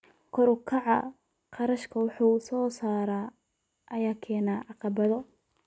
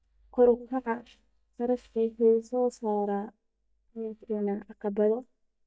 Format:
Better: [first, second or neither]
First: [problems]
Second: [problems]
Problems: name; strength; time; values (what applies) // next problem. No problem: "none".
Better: first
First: none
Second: noise reduction (neural mask model DeepFilterNet 3)